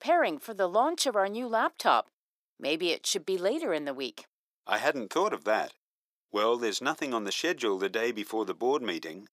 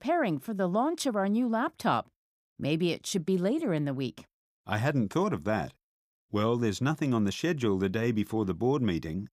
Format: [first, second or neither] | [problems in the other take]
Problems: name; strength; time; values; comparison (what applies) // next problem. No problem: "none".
second | thin; very; fading below 400 Hz